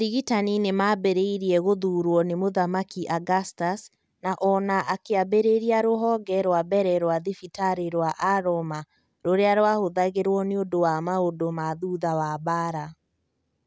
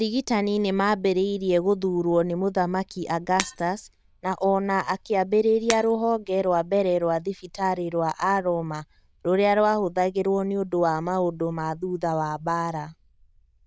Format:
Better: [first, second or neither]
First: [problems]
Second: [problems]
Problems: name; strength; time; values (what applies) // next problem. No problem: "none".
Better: first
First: none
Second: noise reduction (neural diffusion model UNIVERSE++)